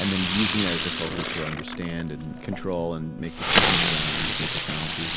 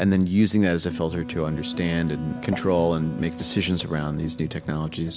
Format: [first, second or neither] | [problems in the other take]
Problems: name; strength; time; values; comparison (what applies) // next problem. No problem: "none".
second | background sound (Fireworks); 3 dB above the speech